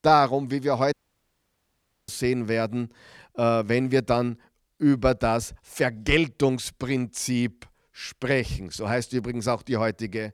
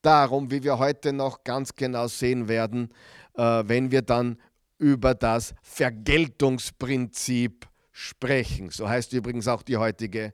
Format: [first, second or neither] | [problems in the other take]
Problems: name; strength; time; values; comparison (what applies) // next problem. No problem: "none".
second | audio cutting out; at 1 s for 1 s